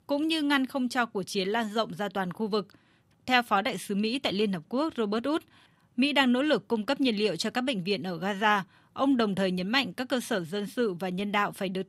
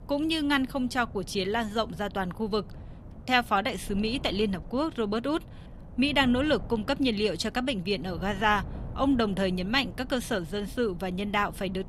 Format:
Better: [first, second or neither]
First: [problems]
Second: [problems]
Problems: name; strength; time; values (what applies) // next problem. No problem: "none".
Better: first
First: none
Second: wind noise on the microphone; occasional gusts; 25 dB below the speech